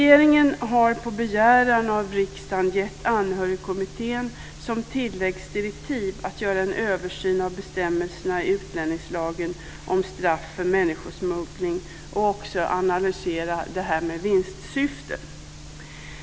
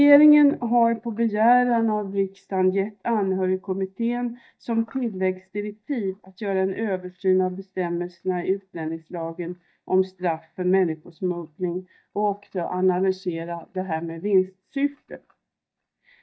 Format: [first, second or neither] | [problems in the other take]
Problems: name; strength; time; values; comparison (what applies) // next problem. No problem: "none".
first | noise reduction (neural mask model DeepFilterNet 3)